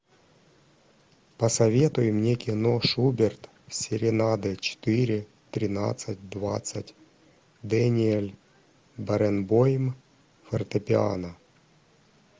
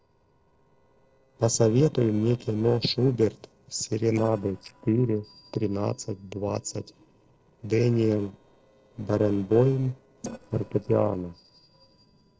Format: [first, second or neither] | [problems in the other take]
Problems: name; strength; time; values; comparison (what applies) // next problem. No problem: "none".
first | noise reduction (neural separator model SepFormer DNS4)